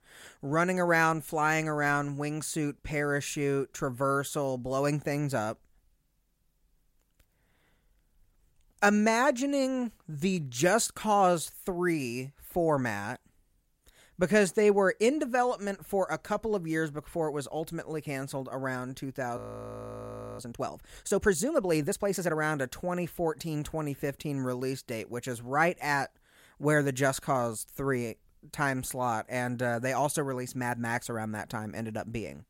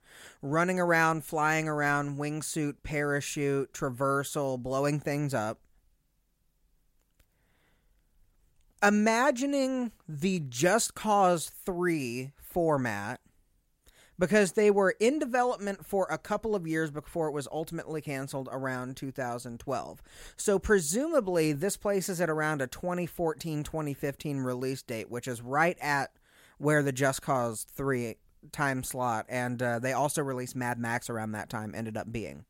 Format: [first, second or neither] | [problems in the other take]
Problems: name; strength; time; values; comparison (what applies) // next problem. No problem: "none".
second | audio freezing; at 19 s for 1 s